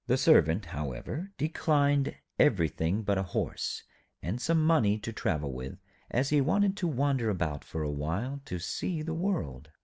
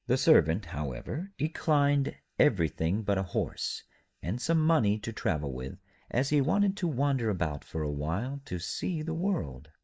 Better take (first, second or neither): first